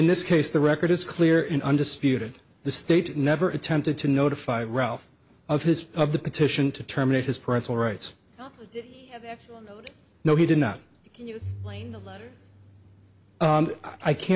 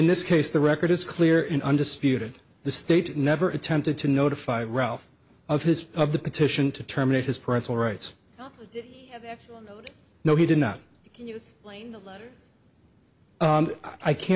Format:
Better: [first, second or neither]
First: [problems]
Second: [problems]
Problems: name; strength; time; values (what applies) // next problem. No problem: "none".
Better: second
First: background sound (Bowed string instrument); 16 dB below the speech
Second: none